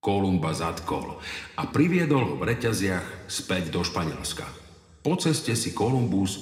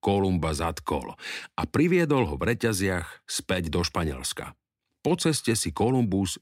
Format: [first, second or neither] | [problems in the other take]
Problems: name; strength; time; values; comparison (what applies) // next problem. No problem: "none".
second | room echo; slight; dies away in 1.4 s